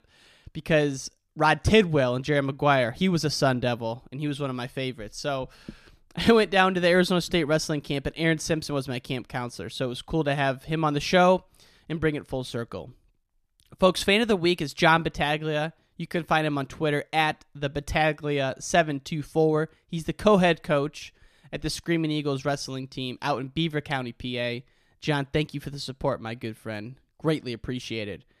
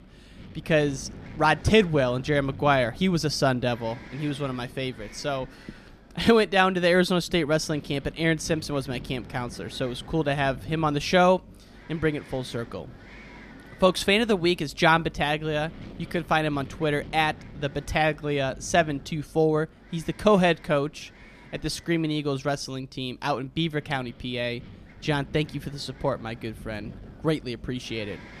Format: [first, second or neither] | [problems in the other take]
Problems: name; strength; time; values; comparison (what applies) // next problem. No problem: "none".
first | wind noise on the microphone; occasional gusts; 25 dB below the speech